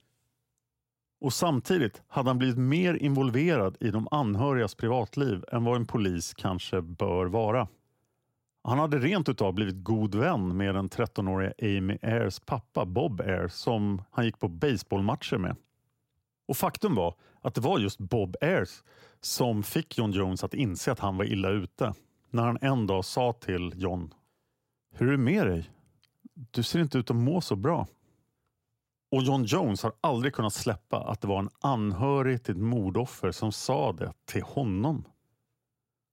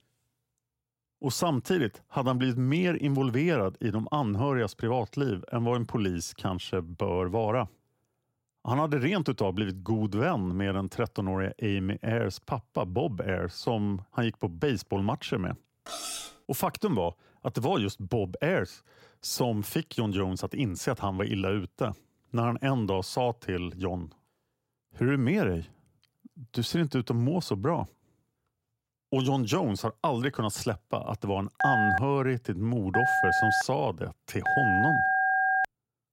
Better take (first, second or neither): first